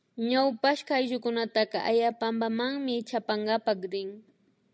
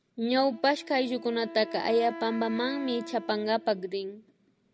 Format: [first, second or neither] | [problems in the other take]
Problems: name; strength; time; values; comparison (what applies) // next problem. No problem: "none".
first | background sound (Wind instrument, woodwind instrument); 14 dB below the speech